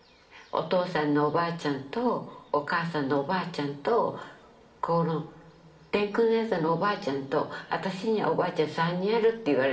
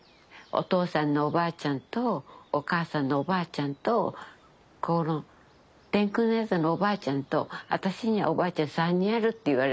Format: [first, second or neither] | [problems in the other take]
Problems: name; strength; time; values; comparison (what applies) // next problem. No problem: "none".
second | room echo; dies away in 1.8 s